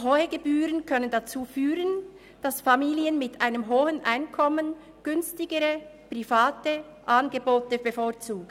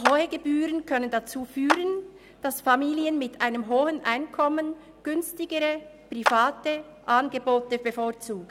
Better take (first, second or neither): first